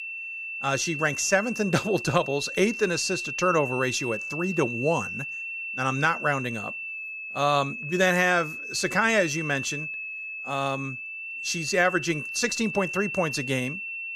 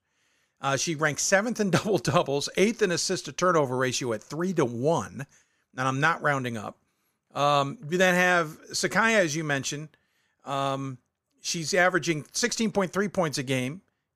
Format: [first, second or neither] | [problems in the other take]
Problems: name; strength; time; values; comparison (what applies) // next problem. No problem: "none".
second | high-pitched whine; loud; throughout; 2.5 kHz, 6 dB below the speech